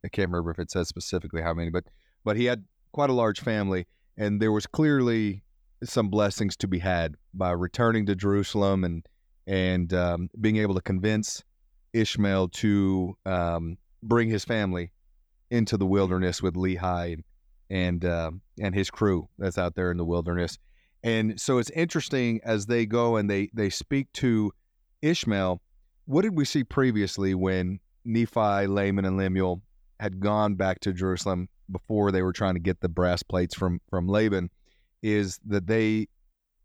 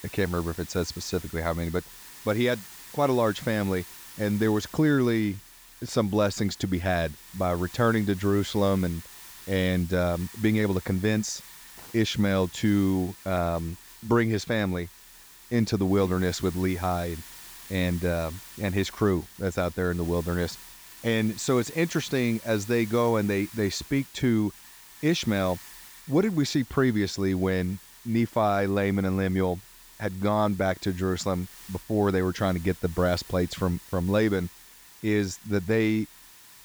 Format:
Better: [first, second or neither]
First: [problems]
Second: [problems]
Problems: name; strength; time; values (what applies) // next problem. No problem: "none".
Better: first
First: none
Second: hiss; noticeable; throughout; 20 dB below the speech